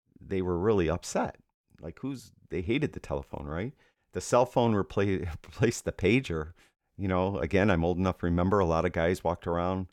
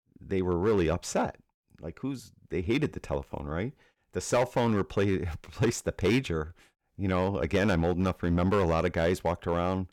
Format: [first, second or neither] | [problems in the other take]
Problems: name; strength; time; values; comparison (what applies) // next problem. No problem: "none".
first | distortion; slight; 5% of the sound clipped